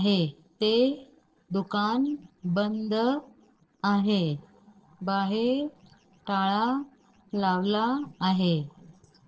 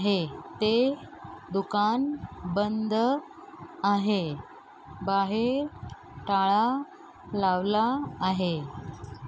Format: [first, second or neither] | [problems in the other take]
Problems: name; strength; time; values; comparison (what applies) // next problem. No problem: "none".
second | noise reduction (neural separator model SepFormer DNS4)